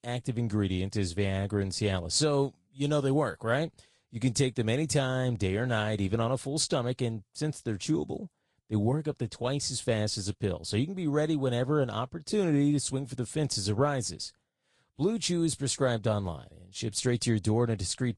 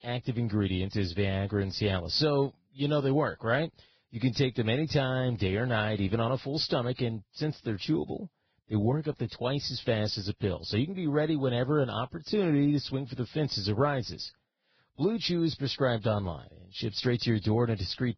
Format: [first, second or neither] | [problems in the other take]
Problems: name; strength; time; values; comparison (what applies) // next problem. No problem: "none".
first | garbled, watery; badly; nothing above 5.5 kHz; slightly in the first